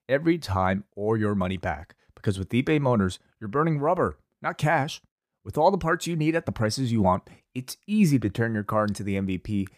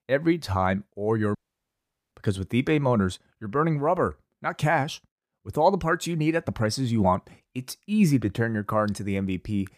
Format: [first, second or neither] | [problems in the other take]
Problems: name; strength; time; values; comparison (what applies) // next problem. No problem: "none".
first | audio cutting out; at 1.5 s for 1 s